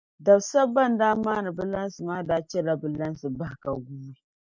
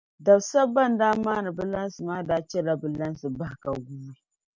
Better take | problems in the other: second | noise reduction (neural mask model Resemble Enhance denoiser)

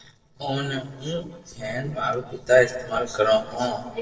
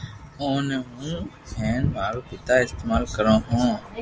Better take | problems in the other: second | noise reduction (neural separator model SepFormer DNS4)

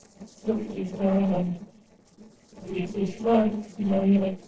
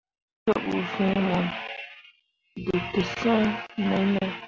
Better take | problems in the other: second | noise reduction (neural separator model SepFormer DNS4)

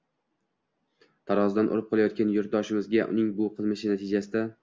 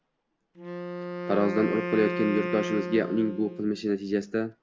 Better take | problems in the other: first | background sound (Wind instrument, woodwind instrument); 6 dB below the speech

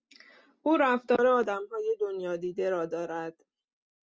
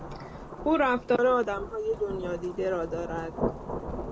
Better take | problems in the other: first | background sound (Rain / Thunderstorm); 7 dB below the speech

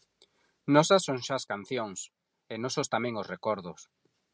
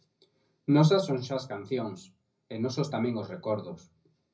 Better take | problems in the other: first | room echo; dies away in 0.4 s

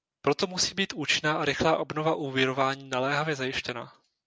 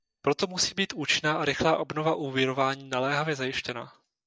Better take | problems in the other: first | noise reduction (neural mask model DeepFilterNet 3)

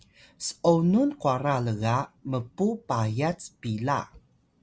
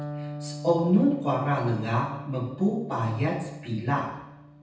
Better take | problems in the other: first | background sound (Electric guitar); 13 dB below the speech // room echo; dies away in 0.9 s

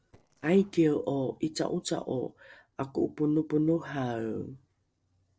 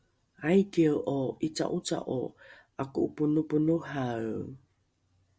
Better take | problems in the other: second | noise reduction (neural separator model SepFormer DNS4)

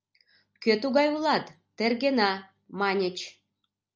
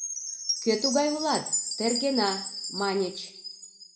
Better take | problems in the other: first | background sound (Chime); 3 dB below the speech // room echo; dies away in 0.5 s

